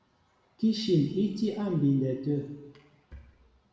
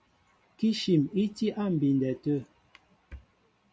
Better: second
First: room echo; dies away in 1 s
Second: none

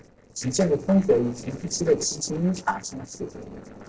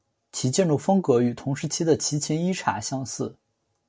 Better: second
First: noise reduction (neural separator model SepFormer DNS4)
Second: none

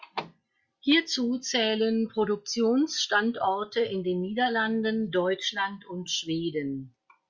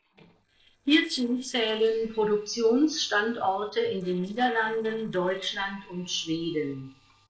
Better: first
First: none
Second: noise reduction (neural separator model SepFormer DNS4)

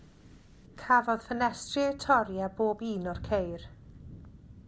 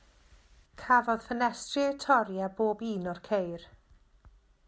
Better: second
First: background sound (Thunder / Rain); 17 dB below the speech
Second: none

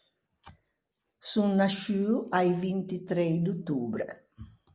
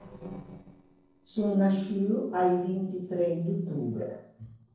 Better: first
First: none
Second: noise reduction (neural separator model SepFormer DNS4)

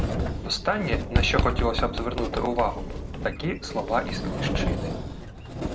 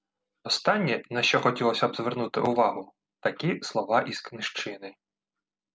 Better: second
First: background sound (Sliding door); 1 dB above the speech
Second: none

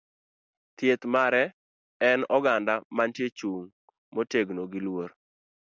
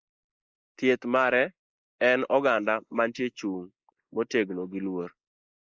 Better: first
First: none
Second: noise reduction (neural mask model Resemble Enhance denoiser)

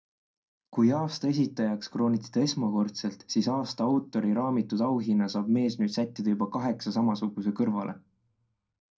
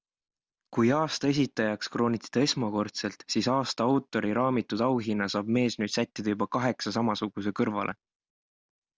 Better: second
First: room echo; dies away in 0.2 s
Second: none

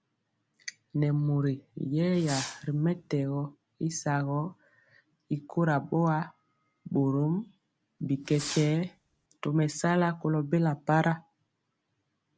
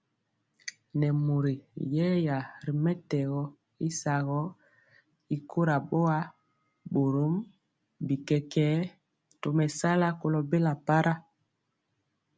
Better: second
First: background sound (Fireworks); 12 dB below the speech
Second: none

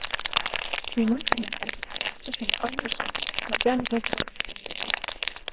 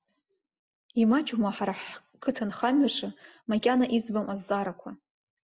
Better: second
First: noise reduction (neural separator model SepFormer WHAMR!)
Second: none

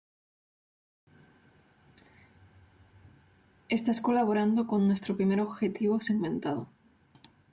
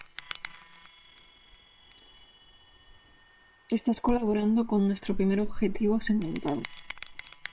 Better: first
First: none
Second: noise reduction (neural separator model SepFormer WHAM!)

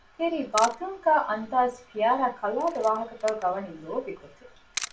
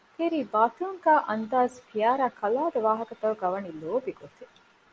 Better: second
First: background sound (Camera); 15 dB below the speech // room echo; dies away in 0.2 s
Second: none

